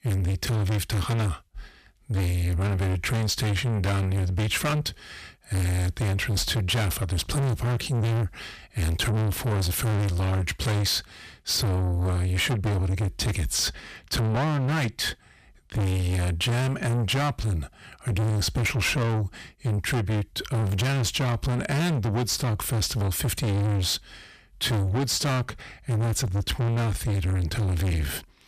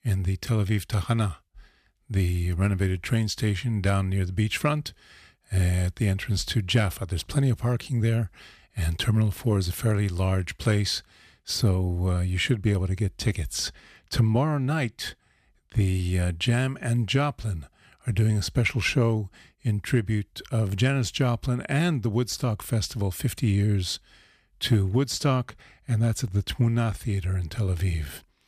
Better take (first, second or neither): second